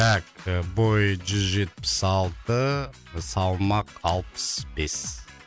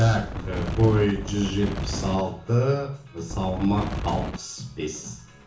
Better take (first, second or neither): first